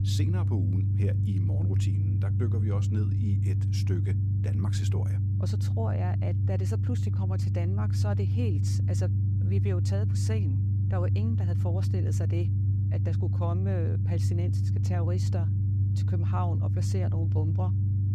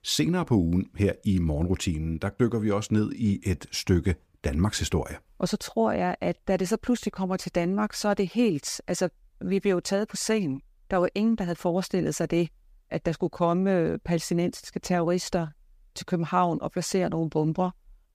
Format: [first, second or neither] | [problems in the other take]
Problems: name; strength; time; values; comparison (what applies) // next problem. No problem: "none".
second | low rumble; loud; throughout; as loud as the speech